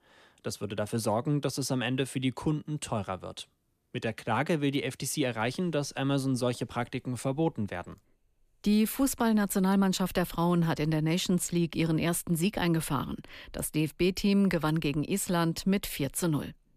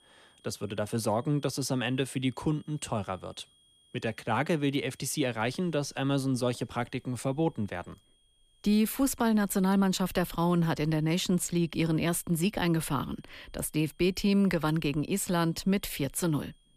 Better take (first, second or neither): first